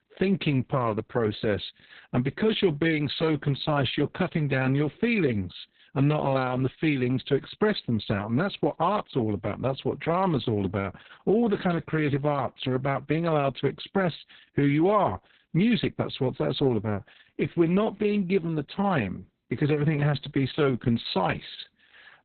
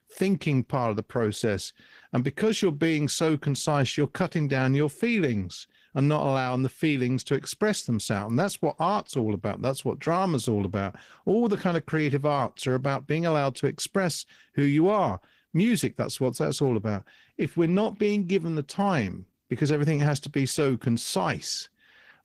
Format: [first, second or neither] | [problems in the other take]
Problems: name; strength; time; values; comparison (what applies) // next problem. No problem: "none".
second | garbled, watery; badly; nothing above 4 kHz; slightly in the second